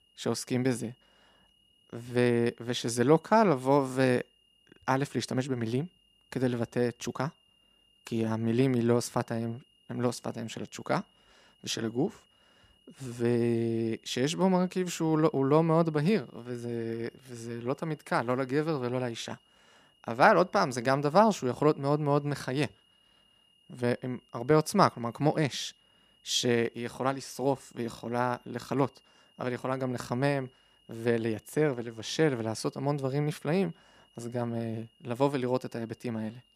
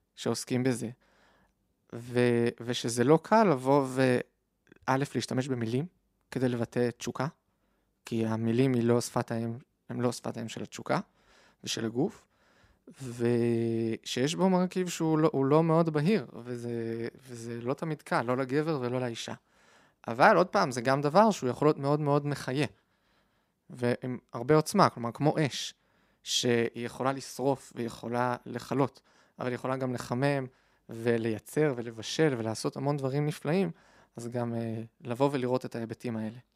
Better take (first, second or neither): second